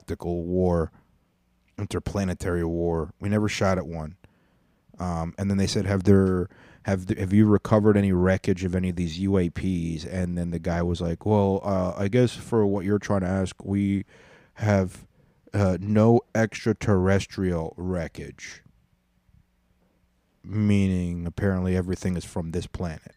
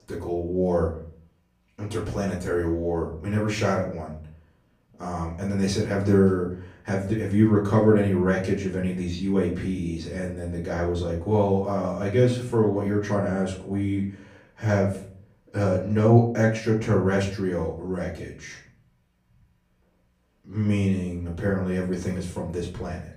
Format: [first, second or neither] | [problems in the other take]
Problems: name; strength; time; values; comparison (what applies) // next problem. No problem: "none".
first | off-mic speech; far // room echo; slight; dies away in 0.4 s